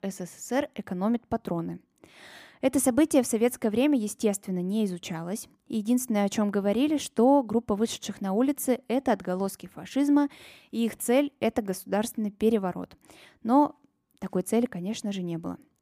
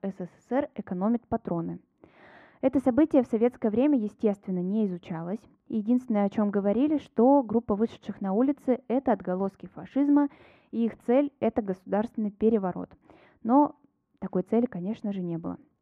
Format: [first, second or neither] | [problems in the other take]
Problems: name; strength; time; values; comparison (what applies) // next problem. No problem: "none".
first | muffled; very; fading above 4 kHz